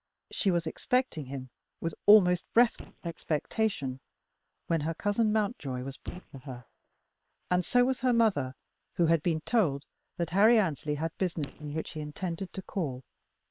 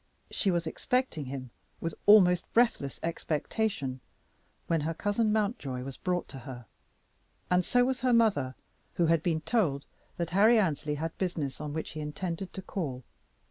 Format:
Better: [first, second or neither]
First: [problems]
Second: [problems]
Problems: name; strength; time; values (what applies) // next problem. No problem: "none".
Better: second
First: noise reduction (neural separator model SepFormer WHAM!)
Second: none